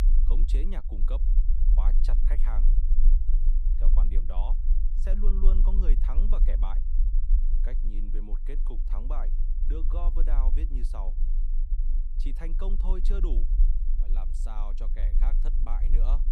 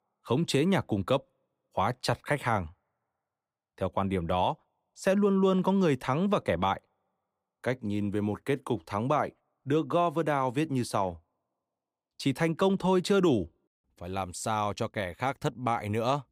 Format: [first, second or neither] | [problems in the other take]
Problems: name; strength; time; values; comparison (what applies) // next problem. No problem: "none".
second | low rumble; loud; throughout; 8 dB below the speech